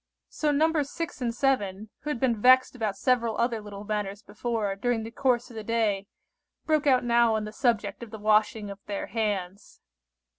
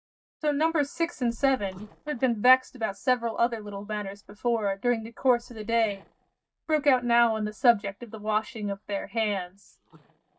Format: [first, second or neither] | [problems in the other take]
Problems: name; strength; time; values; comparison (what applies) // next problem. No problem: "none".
first | noise reduction (neural mask model DeepFilterNet 3)